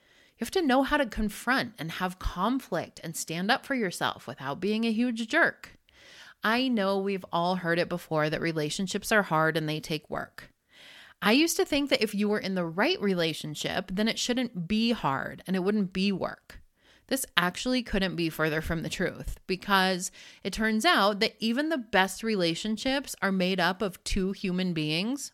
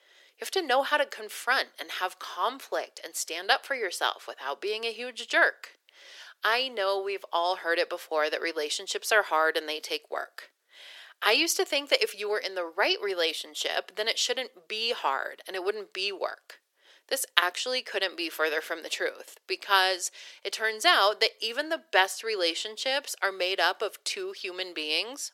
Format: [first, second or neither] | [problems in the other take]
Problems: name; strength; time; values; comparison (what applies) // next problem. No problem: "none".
first | thin; very; fading below 400 Hz